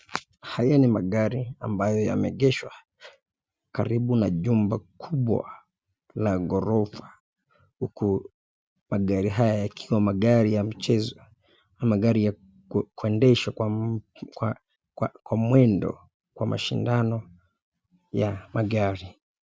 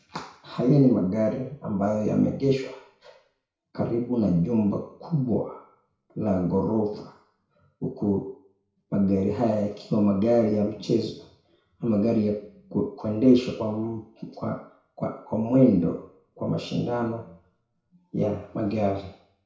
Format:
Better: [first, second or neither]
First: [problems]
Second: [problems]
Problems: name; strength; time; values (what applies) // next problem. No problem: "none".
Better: first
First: none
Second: room echo; dies away in 0.6 s